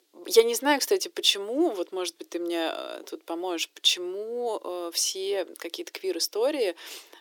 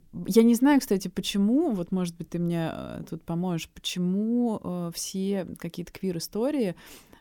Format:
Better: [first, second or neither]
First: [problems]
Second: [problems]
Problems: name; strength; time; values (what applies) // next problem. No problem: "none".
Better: second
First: thin; very; fading below 350 Hz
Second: none